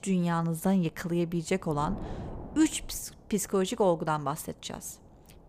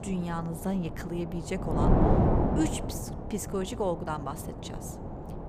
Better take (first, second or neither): first